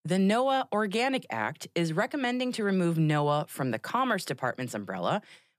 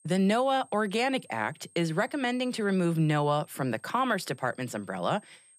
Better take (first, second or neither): first